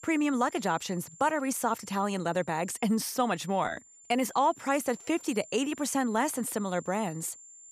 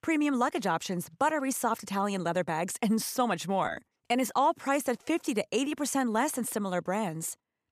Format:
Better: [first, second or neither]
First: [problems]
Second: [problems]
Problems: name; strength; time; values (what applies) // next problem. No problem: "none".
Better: second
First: high-pitched whine; noticeable; throughout; 7 kHz, 20 dB below the speech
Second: none